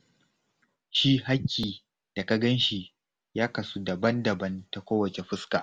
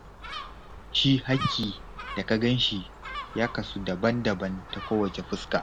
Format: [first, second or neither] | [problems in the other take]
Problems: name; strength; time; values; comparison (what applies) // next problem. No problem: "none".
first | background sound (Gull, seagull); 11 dB below the speech